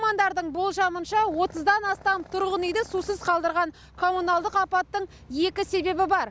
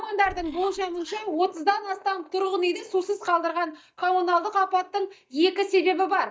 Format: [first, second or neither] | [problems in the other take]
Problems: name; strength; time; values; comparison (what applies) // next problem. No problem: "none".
first | noise reduction (neural mask model DeepFilterNet 3)